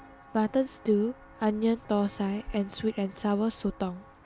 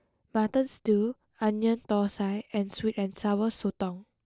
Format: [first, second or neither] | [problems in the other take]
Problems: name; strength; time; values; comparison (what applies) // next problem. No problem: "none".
second | background sound (Walk, footsteps); 19 dB below the speech